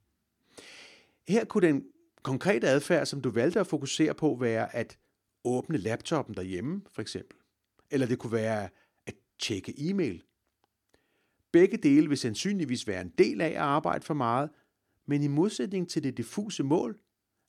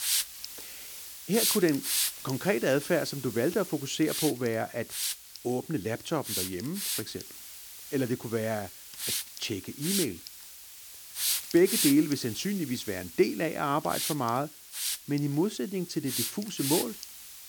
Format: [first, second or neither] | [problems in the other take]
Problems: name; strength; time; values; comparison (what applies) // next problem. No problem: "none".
first | hiss; loud; throughout; 3 dB below the speech